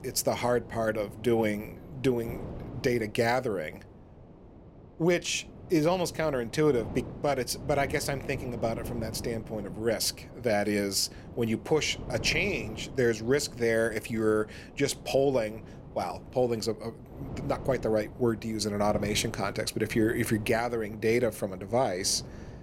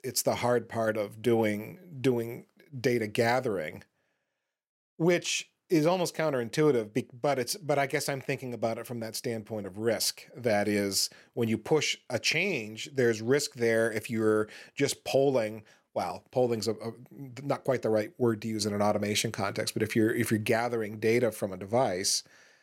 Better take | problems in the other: second | wind noise on the microphone; occasional gusts; 20 dB below the speech

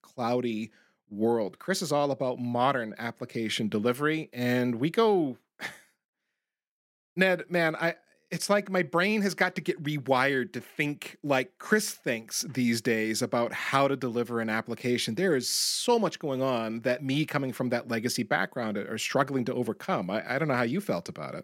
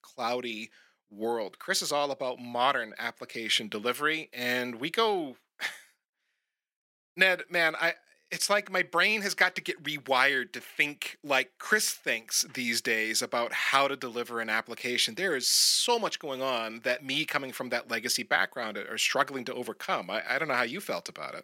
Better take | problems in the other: first | thin; somewhat; fading below 1 kHz

